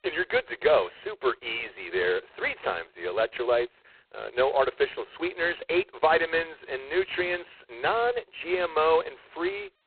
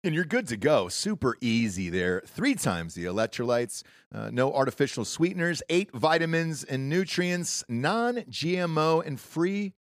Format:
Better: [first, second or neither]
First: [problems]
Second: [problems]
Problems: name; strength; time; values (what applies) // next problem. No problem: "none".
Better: second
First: phone-call audio; poor line; nothing above 4 kHz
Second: none